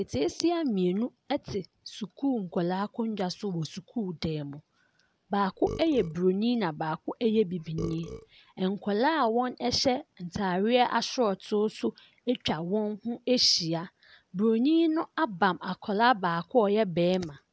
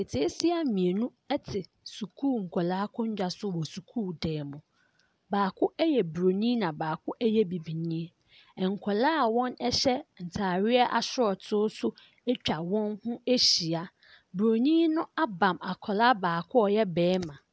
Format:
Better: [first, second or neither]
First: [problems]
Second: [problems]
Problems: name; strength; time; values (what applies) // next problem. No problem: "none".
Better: second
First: background sound (Burping, eructation); 15 dB below the speech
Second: none